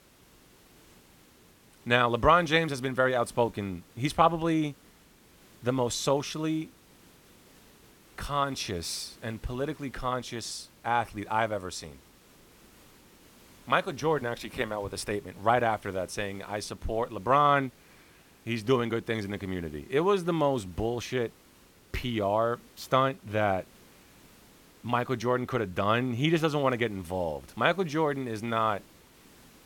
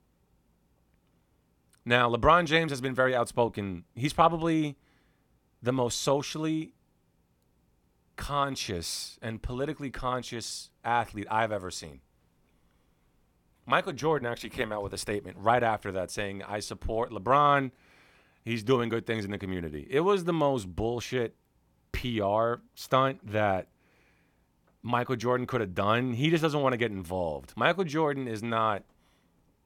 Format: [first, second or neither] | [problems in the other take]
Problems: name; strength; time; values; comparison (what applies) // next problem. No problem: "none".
second | hiss; faint; throughout; 25 dB below the speech